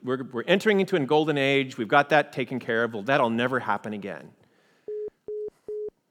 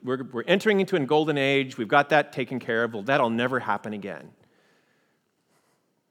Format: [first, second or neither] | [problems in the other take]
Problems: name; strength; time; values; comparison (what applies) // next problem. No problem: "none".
second | phone ringing; faint; from 5 s on; peak 10 dB below the speech